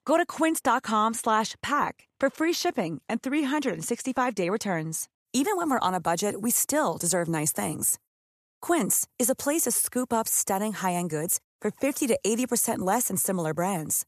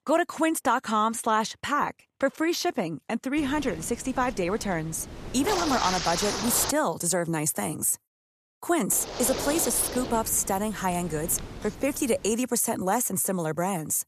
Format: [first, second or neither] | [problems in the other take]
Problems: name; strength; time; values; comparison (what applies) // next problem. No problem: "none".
first | wind noise on the microphone; heavy; from 3.5 to 6.5 s and from 9 to 12 s; 5 dB below the speech